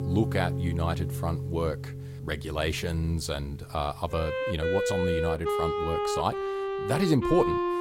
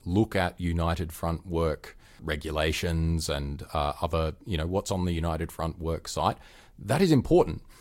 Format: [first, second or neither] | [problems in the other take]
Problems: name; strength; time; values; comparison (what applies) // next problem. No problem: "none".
second | background music; loud; throughout; 1 dB below the speech